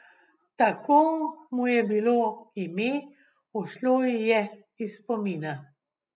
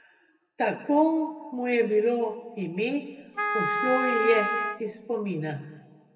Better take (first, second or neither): first